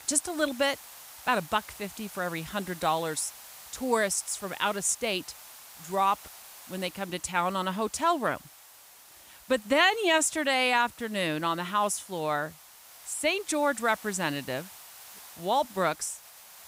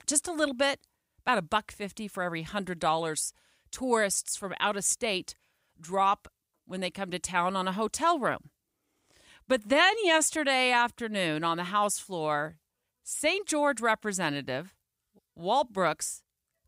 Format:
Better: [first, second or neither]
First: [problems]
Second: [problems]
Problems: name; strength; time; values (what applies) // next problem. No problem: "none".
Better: second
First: hiss; noticeable; throughout; 20 dB below the speech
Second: none